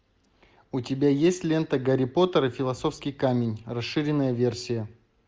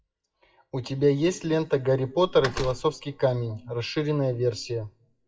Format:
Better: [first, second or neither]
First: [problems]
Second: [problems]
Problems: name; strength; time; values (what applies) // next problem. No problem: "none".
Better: first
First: none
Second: noise reduction (classical method WPE with log-MMSE)